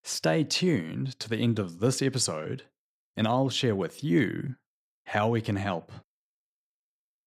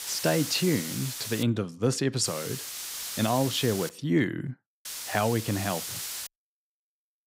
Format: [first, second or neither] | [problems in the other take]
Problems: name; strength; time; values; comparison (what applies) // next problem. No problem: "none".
first | hiss; loud; until 1.5 s, from 2 to 4 s and from 5 to 6.5 s; 7 dB below the speech